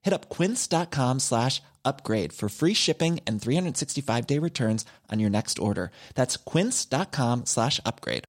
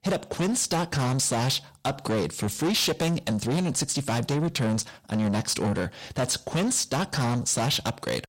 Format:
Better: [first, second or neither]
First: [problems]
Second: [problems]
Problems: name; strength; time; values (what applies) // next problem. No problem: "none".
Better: first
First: none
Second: distortion; heavy; 7 dB below the speech